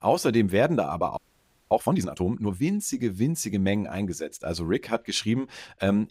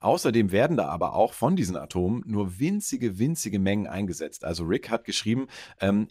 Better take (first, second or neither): second